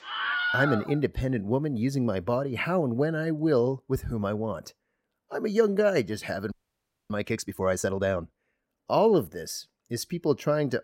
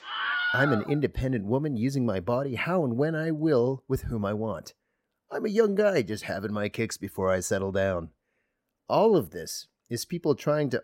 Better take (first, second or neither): second